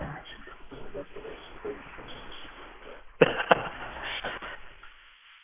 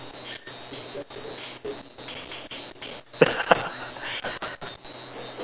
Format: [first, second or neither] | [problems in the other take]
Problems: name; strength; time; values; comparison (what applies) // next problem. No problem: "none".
second | noise reduction (neural mask model Resemble Enhance denoiser)